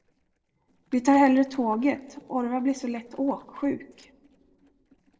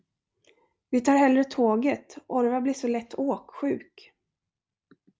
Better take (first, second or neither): second